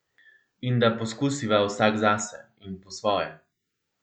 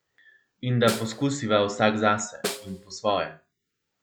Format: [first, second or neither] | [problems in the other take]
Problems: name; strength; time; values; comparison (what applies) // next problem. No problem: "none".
first | background sound (Snare drum); 12 dB below the speech